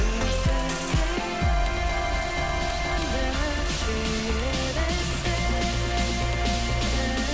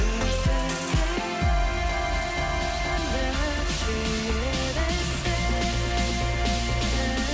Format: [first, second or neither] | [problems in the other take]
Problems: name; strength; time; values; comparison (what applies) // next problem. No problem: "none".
second | background sound (Engine / Mechanisms); 13 dB below the speech